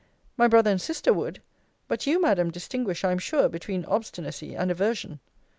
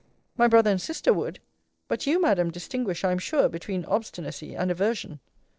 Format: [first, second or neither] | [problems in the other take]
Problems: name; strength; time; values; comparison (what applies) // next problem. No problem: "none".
first | noise reduction (neural separator model SepFormer DNS4)